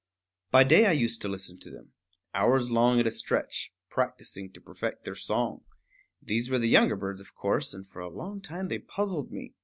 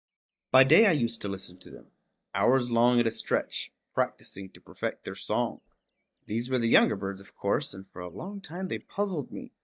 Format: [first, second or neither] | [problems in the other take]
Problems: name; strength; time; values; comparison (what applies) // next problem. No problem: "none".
first | noise reduction (neural mask model DeepFilterNet 3)